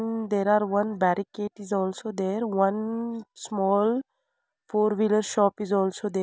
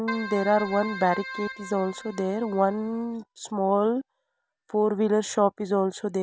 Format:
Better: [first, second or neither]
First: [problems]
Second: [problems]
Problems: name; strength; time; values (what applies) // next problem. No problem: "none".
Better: first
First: none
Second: background sound (Keyboard (musical)); 12 dB below the speech